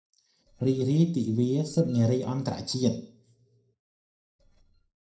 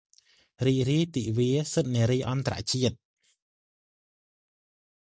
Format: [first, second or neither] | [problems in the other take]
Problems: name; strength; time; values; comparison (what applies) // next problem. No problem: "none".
second | noise reduction (neural separator model SepFormer DNS4)